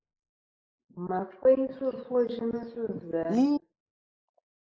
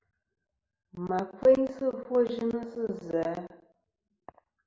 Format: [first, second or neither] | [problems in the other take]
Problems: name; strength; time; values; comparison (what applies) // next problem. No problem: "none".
second | noise reduction (neural mask model Resemble Enhance denoiser)